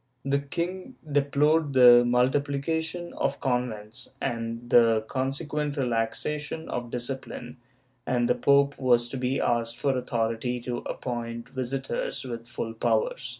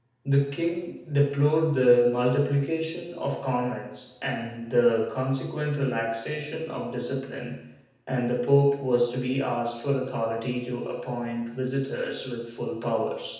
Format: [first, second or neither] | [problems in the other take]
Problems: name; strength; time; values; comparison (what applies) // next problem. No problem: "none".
first | room echo; dies away in 0.9 s